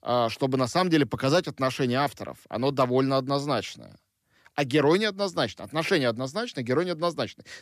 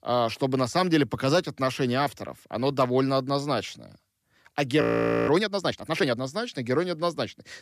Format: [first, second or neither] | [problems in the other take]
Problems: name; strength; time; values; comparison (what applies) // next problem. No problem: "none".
first | audio freezing; at 5 s